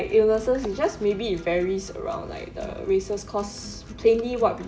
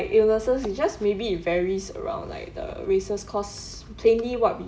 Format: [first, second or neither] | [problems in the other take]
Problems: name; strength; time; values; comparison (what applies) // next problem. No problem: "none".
second | background sound (Acoustic guitar); 19 dB below the speech